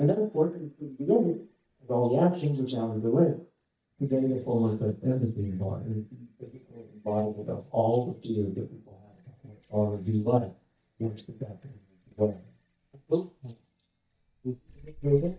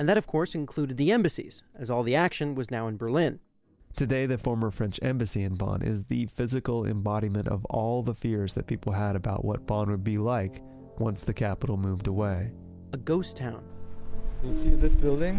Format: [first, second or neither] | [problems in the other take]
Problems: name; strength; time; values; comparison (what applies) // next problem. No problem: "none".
second | noise reduction (neural mask model DeepFilterNet 3)